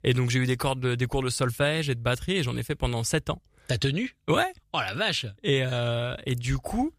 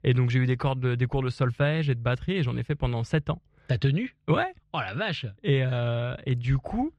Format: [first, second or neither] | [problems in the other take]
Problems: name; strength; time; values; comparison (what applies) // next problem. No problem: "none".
first | muffled; slightly; fading above 2.5 kHz